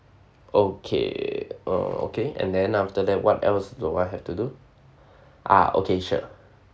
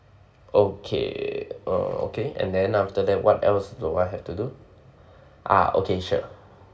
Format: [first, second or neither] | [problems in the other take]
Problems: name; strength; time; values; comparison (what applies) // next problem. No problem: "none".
first | room echo; dies away in 1.6 s